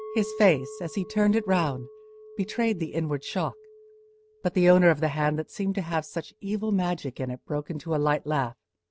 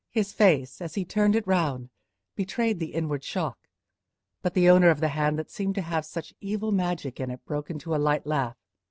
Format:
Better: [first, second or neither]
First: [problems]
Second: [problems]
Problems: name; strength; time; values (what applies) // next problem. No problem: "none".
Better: second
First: background sound (Chink, clink); 18 dB below the speech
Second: none